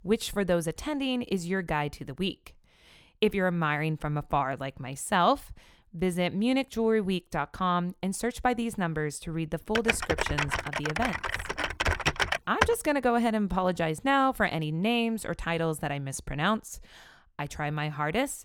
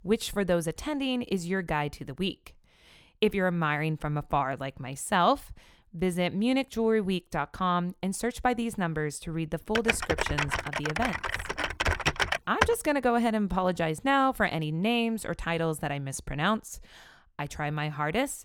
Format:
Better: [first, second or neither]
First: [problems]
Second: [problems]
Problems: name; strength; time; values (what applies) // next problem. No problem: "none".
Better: neither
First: keyboard typing; loud; from 10 to 13 s; peak 3 dB above the speech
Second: keyboard typing; loud; from 10 to 13 s; peak 3 dB above the speech